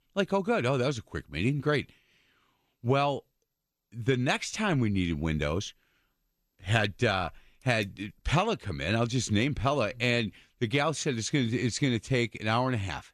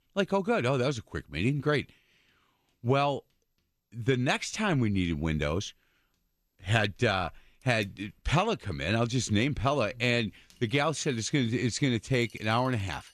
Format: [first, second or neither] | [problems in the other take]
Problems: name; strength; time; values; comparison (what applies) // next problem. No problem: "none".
first | household noises; faint; throughout; 30 dB below the speech